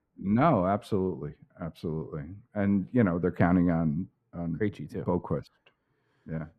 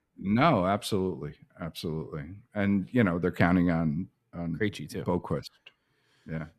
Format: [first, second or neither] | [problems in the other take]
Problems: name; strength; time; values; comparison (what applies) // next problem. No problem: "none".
second | muffled; slightly; fading above 2 kHz